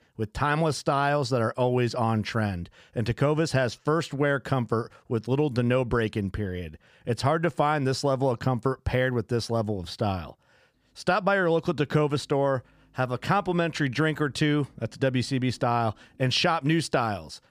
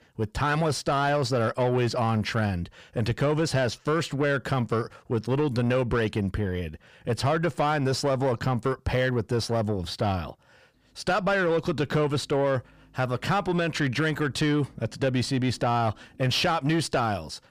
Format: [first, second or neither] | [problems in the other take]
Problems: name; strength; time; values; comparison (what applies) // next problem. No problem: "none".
first | distortion; slight; 10 dB below the speech